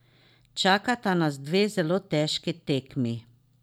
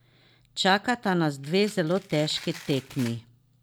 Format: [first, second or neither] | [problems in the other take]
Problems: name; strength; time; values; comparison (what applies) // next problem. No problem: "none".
first | background sound (Domestic sounds, home sounds); 18 dB below the speech